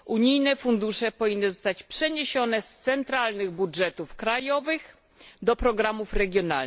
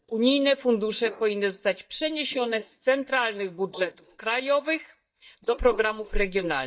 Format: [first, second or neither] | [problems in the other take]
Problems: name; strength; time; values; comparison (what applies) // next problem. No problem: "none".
first | noise reduction (neural mask model DeepFilterNet 3)